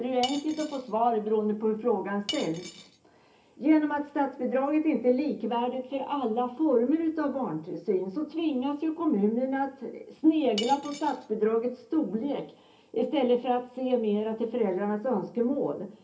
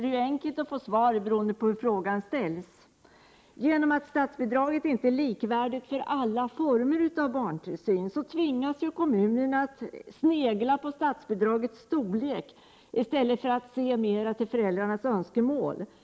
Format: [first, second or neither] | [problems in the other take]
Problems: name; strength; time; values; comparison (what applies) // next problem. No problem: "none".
second | background sound (Cutlery, silverware / Dishes, pots, and pans); 12 dB below the speech // room echo; dies away in 0.3 s